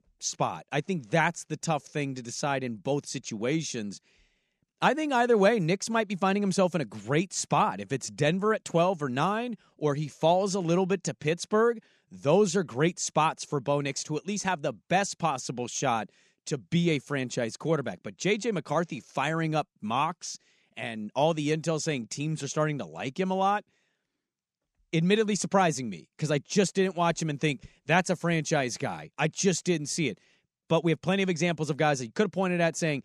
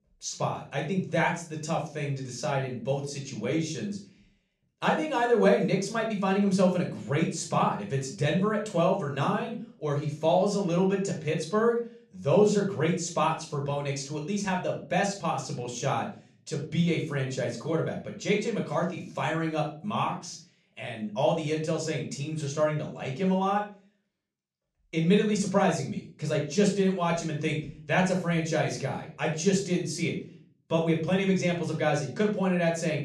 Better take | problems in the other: first | off-mic speech; somewhat distant // room echo; slight; dies away in 0.4 s

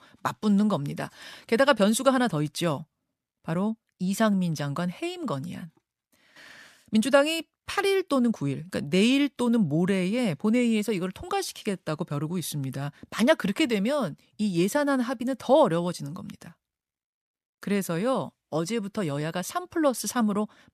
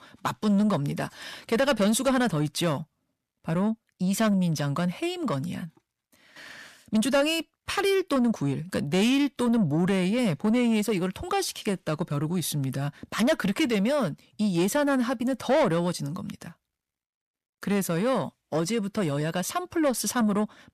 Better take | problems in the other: first | distortion; slight; 10 dB below the speech

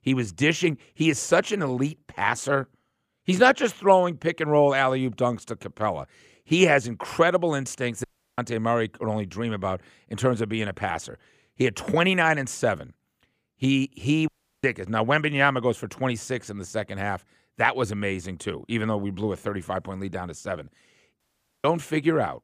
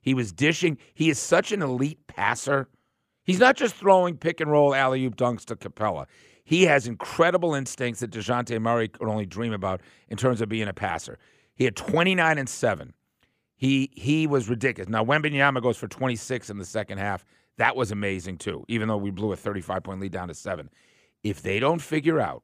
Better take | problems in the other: second | audio cutting out; at 8 s, at 14 s and at 21 s

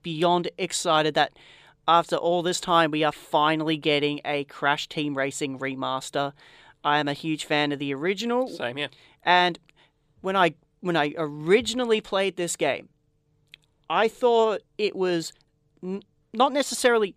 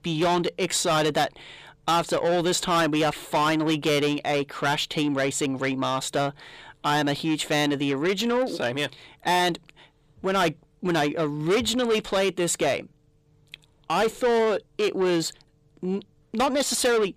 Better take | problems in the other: first | distortion; heavy; 7 dB below the speech

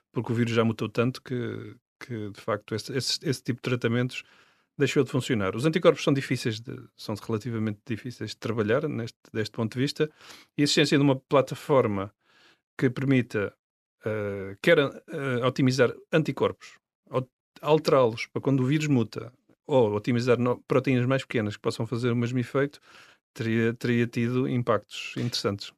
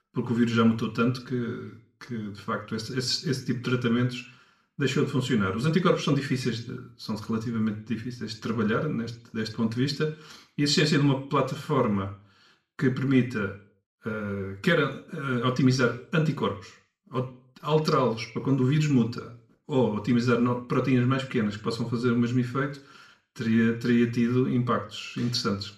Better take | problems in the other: first | room echo; very slight; dies away in 0.4 s // off-mic speech; somewhat distant

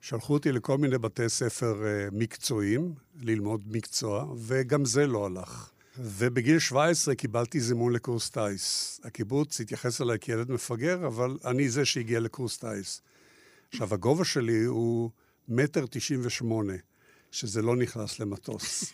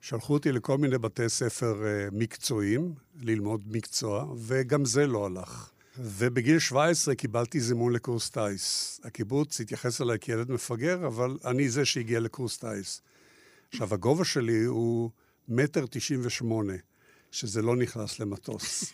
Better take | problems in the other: neither | none

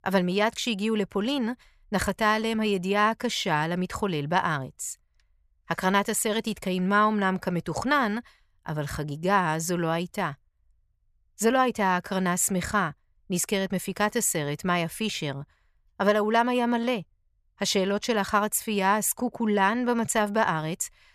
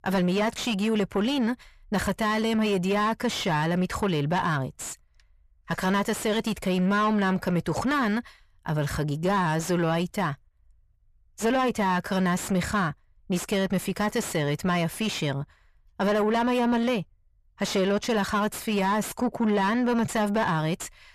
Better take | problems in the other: first | distortion; heavy; 7 dB below the speech

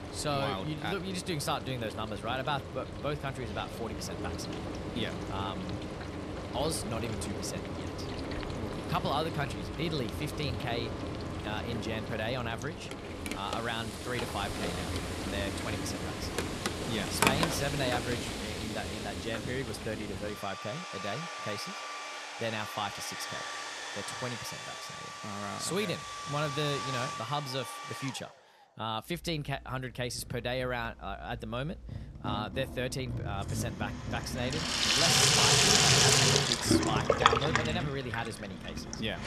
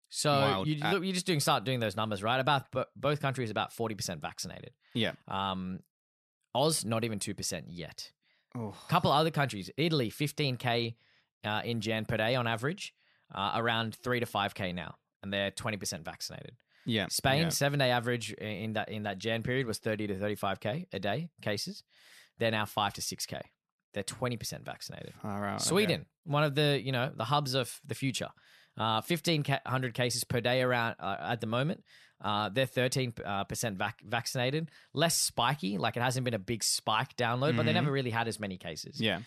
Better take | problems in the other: second | household noises; very loud; throughout; 4 dB above the speech

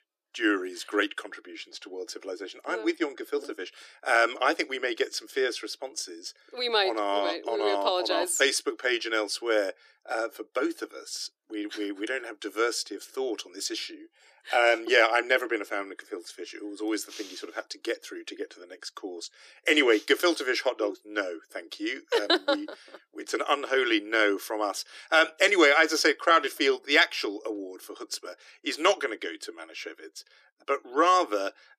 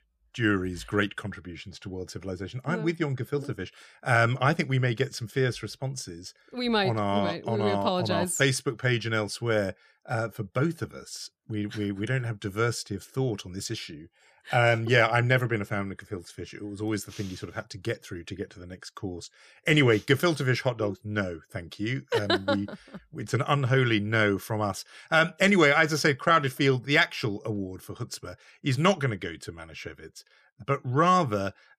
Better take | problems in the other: second | thin; very; fading below 300 Hz

